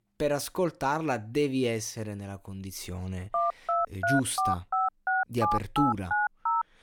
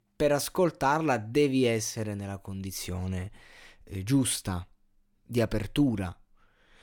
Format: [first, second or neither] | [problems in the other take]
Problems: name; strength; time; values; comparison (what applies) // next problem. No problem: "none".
second | phone ringing; loud; from 3.5 s on; peak 3 dB above the speech